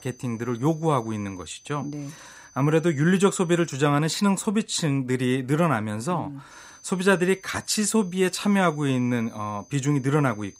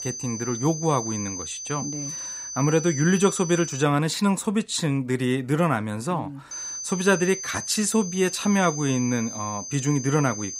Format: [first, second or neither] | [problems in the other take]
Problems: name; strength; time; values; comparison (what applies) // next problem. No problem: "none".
first | high-pitched whine; loud; until 4 s and from 6.5 s on; 6 kHz, 8 dB below the speech; faint in the first